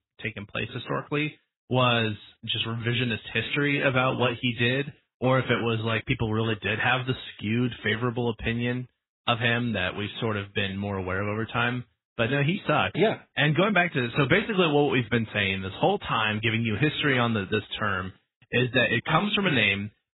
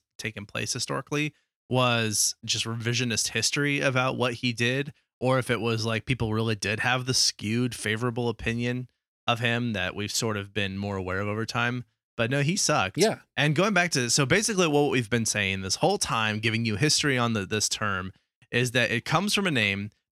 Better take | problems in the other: second | garbled, watery; badly; nothing above 4 kHz

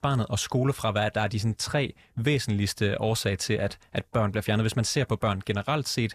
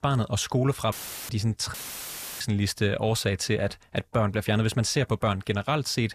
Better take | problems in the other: first | audio cutting out; filled with static; at 1 s and at 1.5 s for 0.5 s

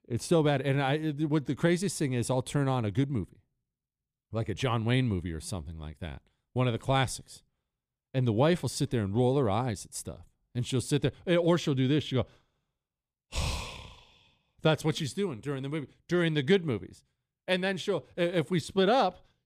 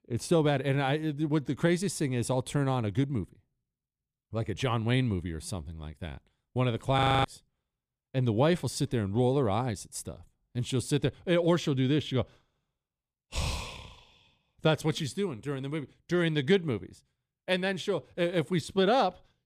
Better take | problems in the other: first | audio freezing; at 7 s

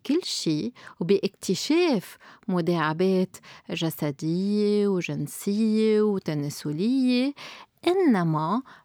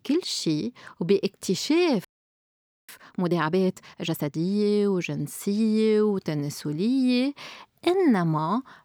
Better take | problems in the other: first | audio freezing; at 2 s for 1 s

